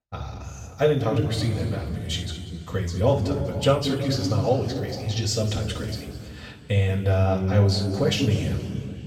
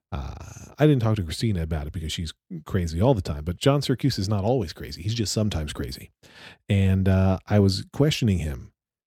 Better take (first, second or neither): second